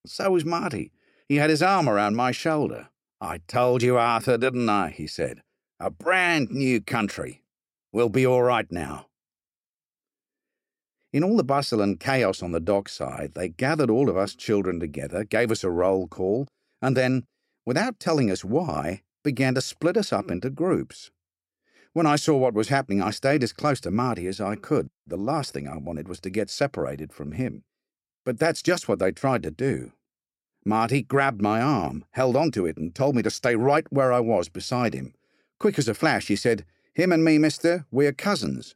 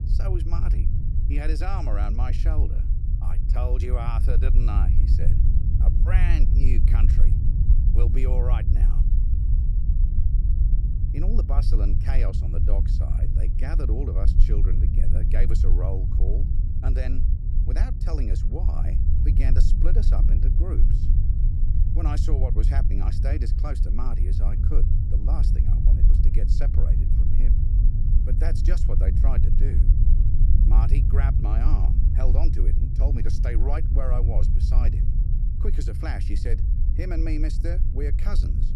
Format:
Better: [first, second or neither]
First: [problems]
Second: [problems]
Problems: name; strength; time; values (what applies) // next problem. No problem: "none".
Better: first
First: none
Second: low rumble; loud; throughout; 3 dB below the speech